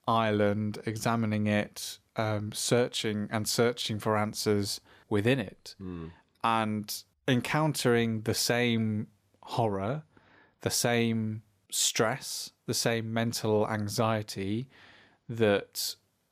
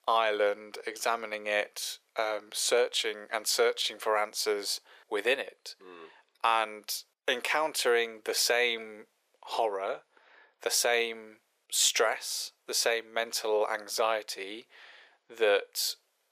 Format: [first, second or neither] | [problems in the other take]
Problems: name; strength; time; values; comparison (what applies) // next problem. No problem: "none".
first | thin; very; fading below 450 Hz